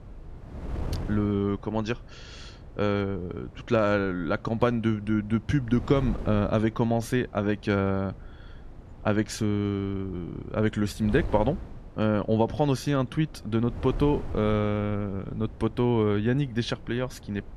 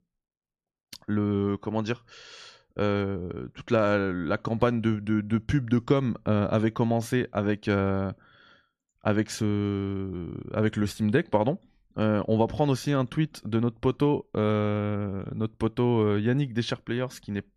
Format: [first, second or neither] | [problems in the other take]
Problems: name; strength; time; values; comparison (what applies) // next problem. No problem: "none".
second | wind noise on the microphone; occasional gusts; 20 dB below the speech